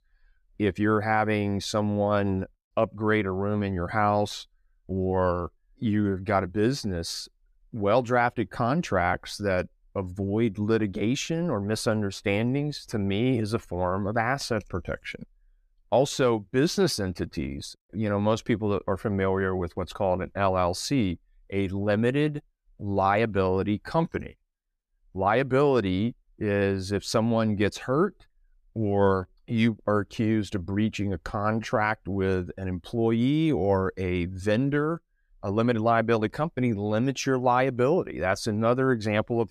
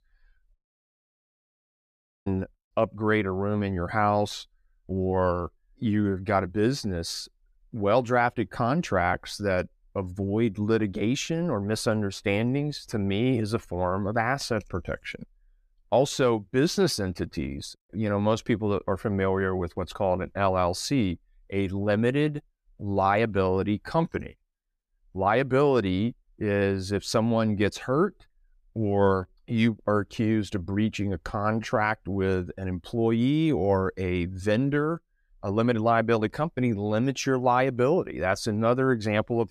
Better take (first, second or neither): first